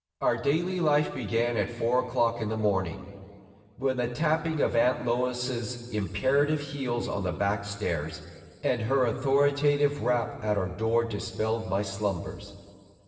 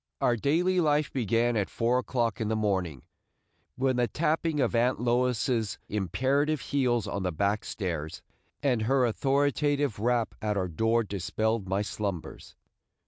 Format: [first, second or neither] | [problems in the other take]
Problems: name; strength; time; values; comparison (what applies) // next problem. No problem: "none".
second | room echo; dies away in 2.3 s